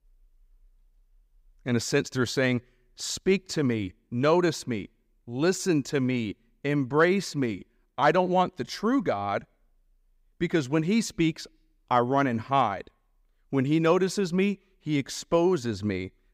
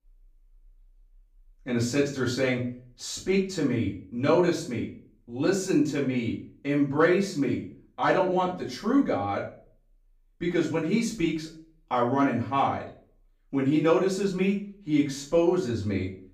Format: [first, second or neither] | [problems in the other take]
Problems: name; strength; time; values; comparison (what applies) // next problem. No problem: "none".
first | room echo; slight; dies away in 0.4 s // off-mic speech; far